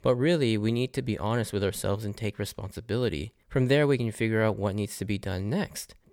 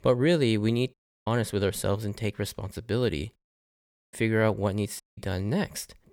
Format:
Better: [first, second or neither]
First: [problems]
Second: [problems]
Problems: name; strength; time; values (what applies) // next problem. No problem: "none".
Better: first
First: none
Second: audio cutting out; at 1 s, at 3.5 s for 1 s and at 5 s